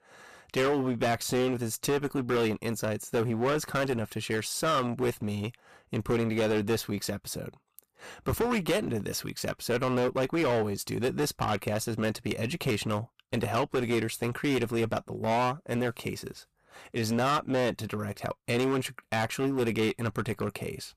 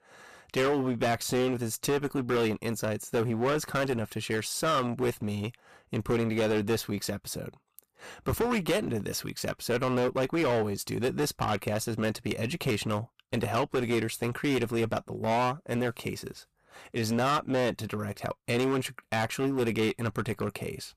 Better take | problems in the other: neither | distortion; heavy; 14% of the sound clipped; the same in both

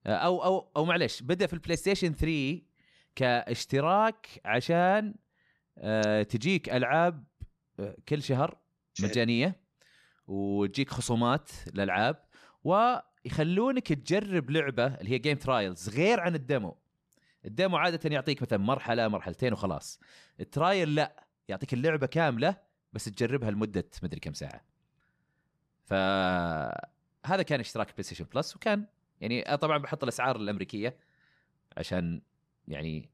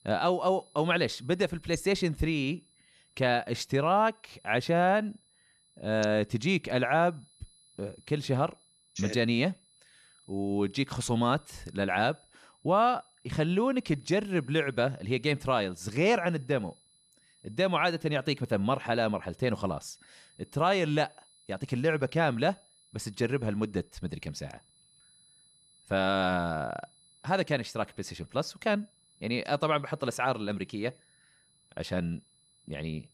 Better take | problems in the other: first | high-pitched whine; faint; throughout; 4 kHz, 30 dB below the speech

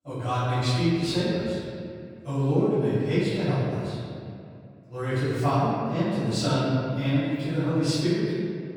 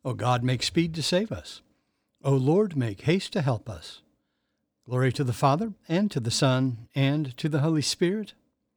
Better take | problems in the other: second | off-mic speech; far // room echo; strong; dies away in 2.3 s

